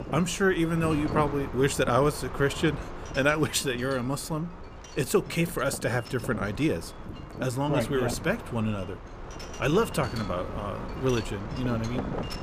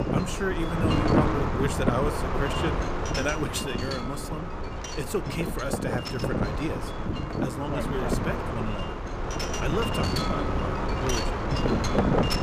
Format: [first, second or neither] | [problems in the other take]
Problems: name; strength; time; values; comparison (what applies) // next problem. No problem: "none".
first | wind noise on the microphone; heavy; 3 dB above the speech; occasional gusts in the first